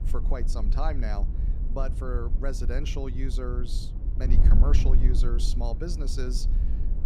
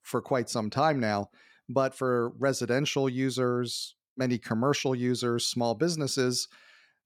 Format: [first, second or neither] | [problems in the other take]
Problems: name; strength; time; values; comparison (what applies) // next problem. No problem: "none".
second | wind noise on the microphone; heavy; 8 dB below the speech